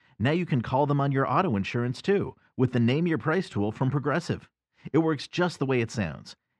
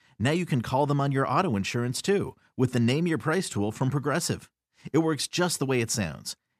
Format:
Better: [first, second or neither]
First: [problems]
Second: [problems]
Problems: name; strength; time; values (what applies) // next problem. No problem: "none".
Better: second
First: muffled; slightly; fading above 3 kHz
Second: none